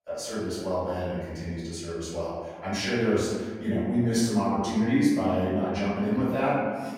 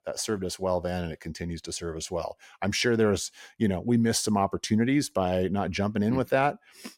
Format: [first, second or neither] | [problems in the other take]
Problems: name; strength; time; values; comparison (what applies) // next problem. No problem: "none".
second | room echo; strong; dies away in 1.5 s // off-mic speech; far